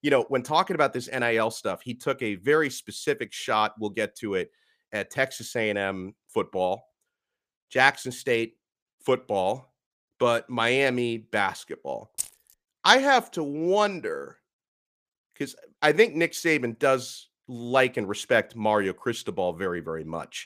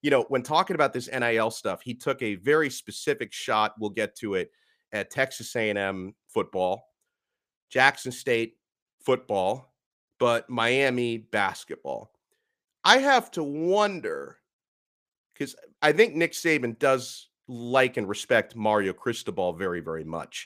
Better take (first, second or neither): second